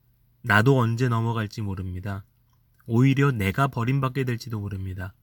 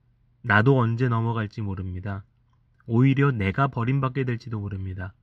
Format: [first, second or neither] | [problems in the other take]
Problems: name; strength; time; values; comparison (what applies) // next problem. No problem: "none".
first | muffled; slightly; fading above 3 kHz